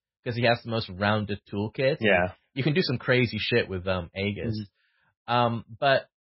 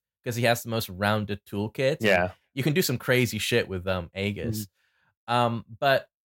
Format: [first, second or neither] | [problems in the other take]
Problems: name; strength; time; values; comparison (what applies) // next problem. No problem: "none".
second | garbled, watery; badly; nothing above 5.5 kHz